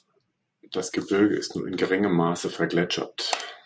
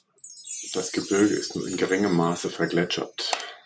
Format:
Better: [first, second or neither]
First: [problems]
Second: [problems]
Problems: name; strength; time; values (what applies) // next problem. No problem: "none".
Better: first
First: none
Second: background sound (Chime); 14 dB below the speech